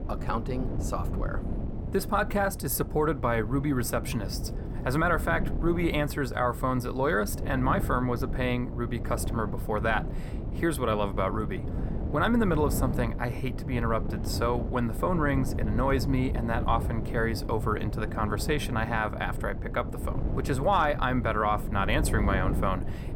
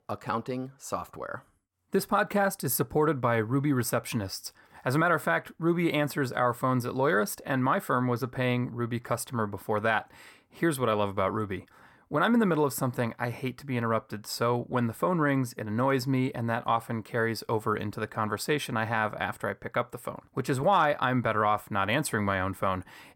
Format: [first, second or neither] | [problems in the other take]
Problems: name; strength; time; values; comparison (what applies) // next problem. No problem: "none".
second | wind noise on the microphone; occasional gusts; 15 dB below the speech